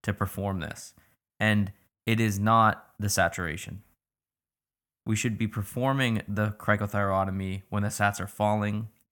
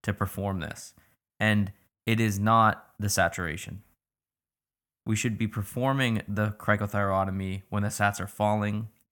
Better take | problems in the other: neither | none

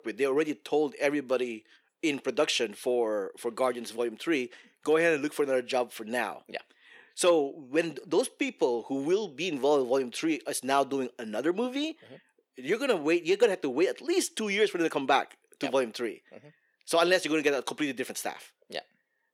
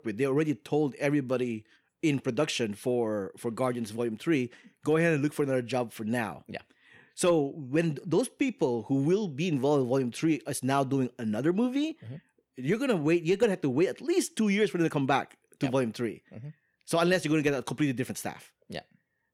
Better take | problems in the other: second | thin; somewhat; fading below 450 Hz

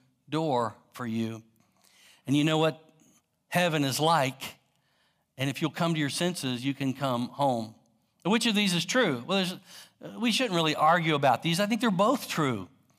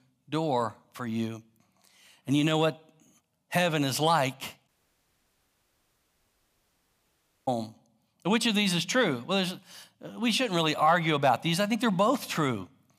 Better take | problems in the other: first | audio cutting out; at 4.5 s for 3 s

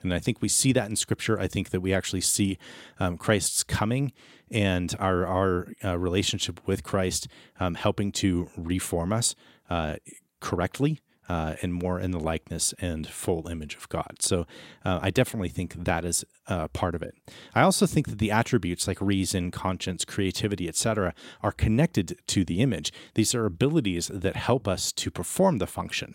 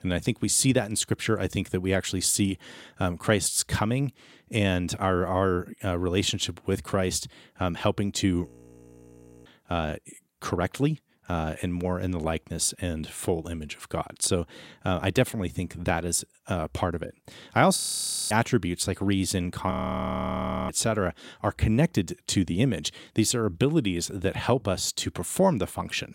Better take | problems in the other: first | audio freezing; at 8.5 s for 1 s, at 18 s for 0.5 s and at 20 s for 1 s

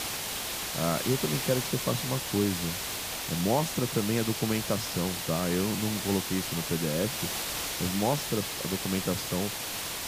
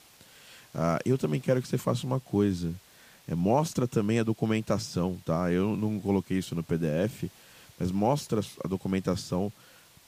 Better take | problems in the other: second | hiss; loud; throughout; 1 dB below the speech; faint in the second

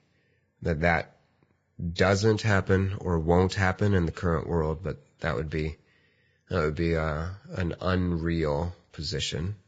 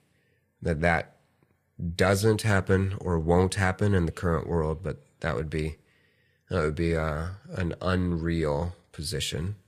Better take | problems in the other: second | garbled, watery; badly; nothing above 7.5 kHz; slightly in the second

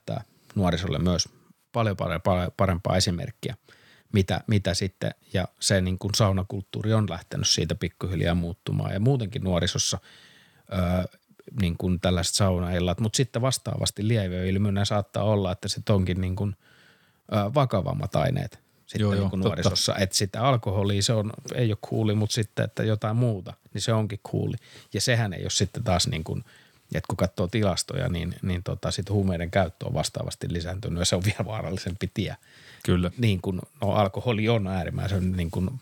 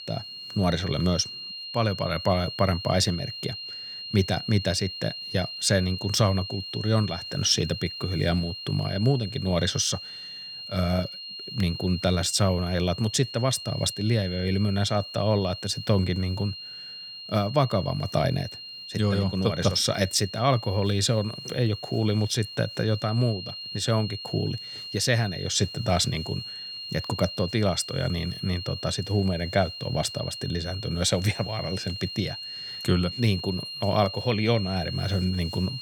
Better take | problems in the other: first | high-pitched whine; loud; throughout; 4 kHz, 9 dB below the speech

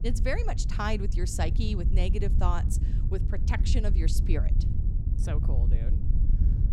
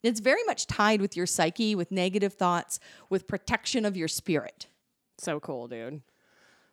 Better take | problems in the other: second | wind noise on the microphone; heavy; 9 dB below the speech

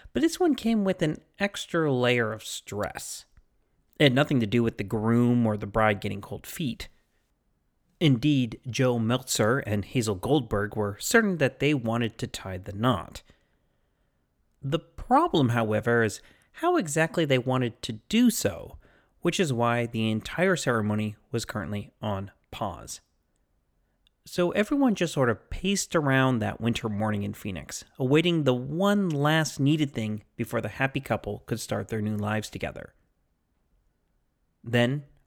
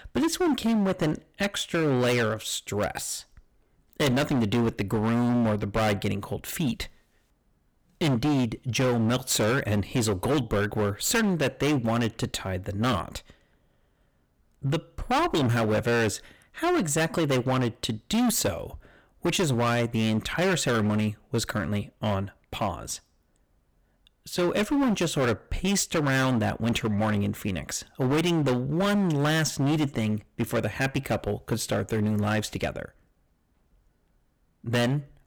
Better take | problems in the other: first | distortion; heavy; 16% of the sound clipped

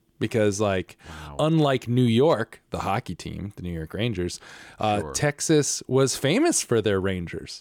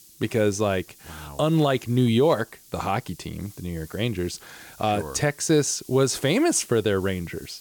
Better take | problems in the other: first | hiss; faint; throughout; 25 dB below the speech

